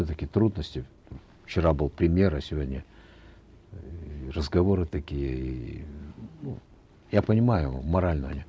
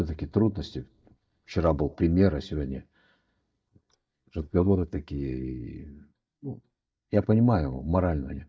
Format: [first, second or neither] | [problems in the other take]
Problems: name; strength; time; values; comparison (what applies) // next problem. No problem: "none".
first | noise reduction (neural mask model DeepFilterNet 3)